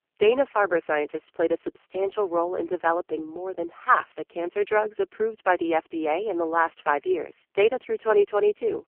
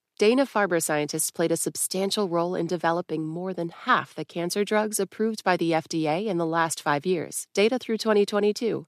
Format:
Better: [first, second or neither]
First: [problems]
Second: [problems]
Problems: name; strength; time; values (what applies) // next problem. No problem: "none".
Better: second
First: phone-call audio; poor line; nothing above 3 kHz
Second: none